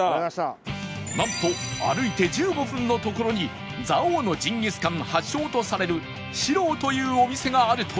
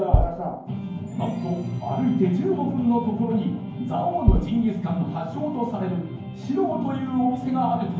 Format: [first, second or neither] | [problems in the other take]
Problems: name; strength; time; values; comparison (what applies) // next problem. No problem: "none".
first | background sound (Bass drum); 3 dB below the speech // room echo; dies away in 0.9 s